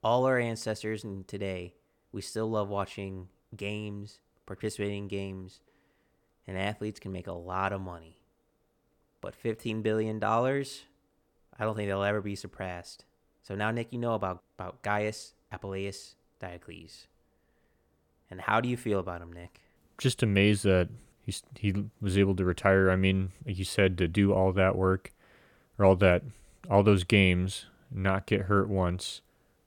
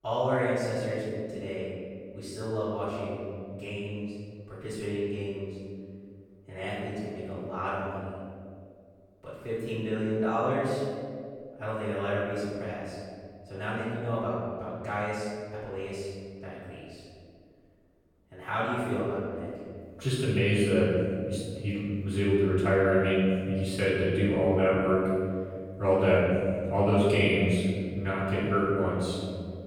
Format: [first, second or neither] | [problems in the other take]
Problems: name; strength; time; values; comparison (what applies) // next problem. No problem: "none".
first | off-mic speech; far // room echo; strong; dies away in 2.2 s